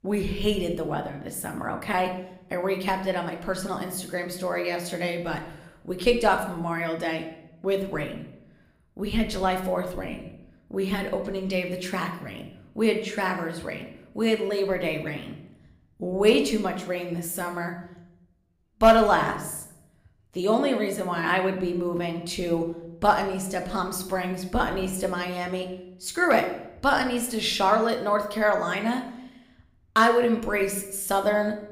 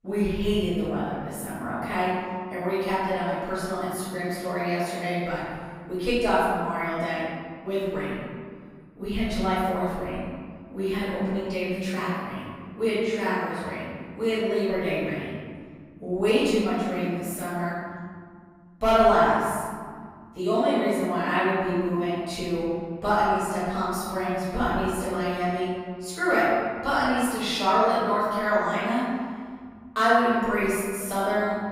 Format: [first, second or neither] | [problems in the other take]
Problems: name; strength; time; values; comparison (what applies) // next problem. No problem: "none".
first | room echo; strong; dies away in 1.7 s; slight in the first // off-mic speech; far